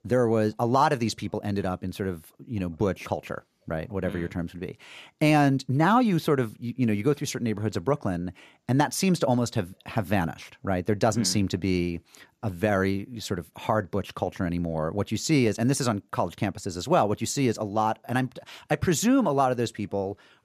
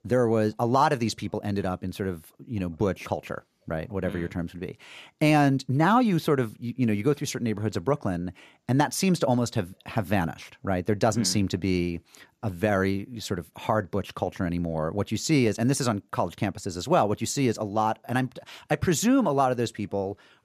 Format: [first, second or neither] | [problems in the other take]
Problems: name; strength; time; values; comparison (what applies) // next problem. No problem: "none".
neither | none